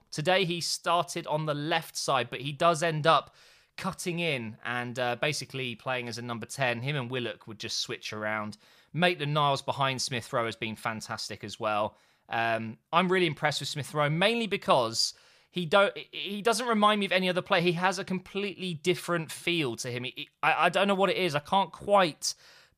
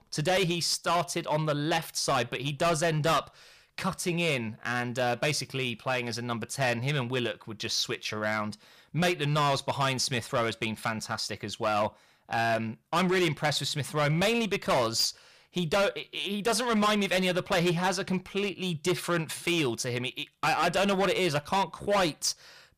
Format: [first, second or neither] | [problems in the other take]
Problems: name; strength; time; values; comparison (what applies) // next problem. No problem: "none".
first | distortion; heavy; 9% of the sound clipped